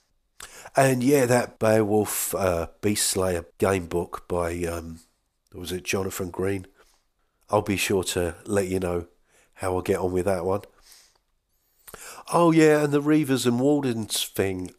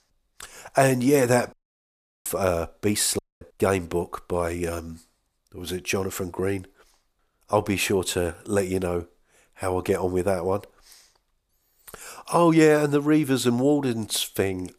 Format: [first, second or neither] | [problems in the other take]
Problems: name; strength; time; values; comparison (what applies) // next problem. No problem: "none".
first | audio cutting out; at 1.5 s for 0.5 s and at 3 s